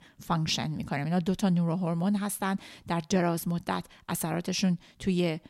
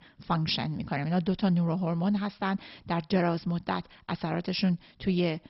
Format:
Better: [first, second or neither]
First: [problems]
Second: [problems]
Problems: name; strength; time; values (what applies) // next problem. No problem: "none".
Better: first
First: none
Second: garbled, watery; badly; nothing above 5.5 kHz